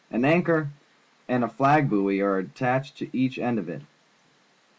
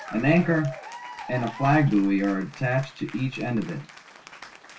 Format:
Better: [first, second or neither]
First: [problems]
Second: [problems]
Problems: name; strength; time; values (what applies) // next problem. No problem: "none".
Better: first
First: none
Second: background sound (Applause / Cheering); 16 dB below the speech // room echo; dies away in 0.2 s